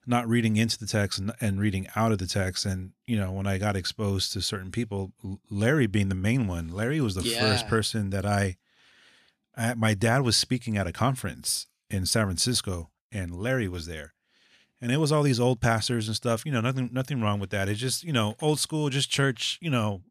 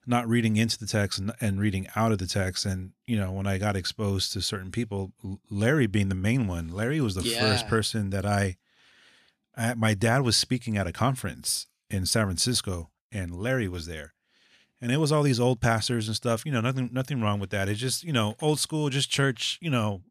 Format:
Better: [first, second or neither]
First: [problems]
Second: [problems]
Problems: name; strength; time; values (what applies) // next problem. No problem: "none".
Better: neither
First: none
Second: none